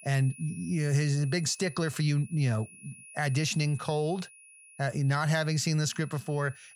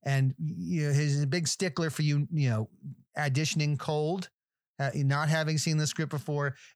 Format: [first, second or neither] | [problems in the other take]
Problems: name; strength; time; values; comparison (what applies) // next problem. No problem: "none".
second | high-pitched whine; noticeable; throughout; 2.5 kHz, 20 dB below the speech